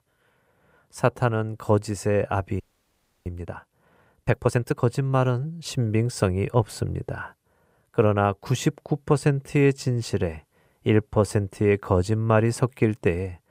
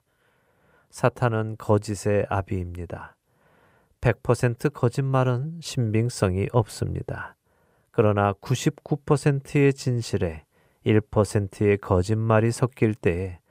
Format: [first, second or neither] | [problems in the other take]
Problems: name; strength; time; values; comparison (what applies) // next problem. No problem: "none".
second | audio freezing; at 2.5 s for 0.5 s